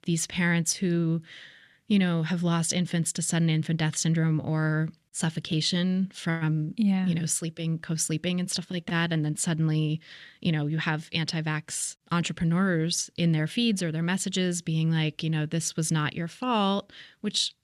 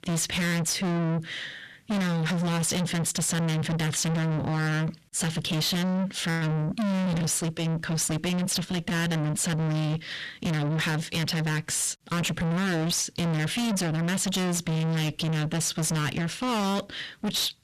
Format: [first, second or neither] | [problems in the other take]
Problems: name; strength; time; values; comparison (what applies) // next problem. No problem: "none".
first | distortion; heavy; 6 dB below the speech